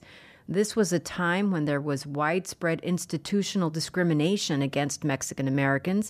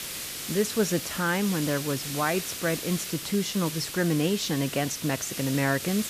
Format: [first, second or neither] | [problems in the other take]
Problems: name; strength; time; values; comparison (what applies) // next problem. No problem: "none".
first | hiss; loud; throughout; 6 dB below the speech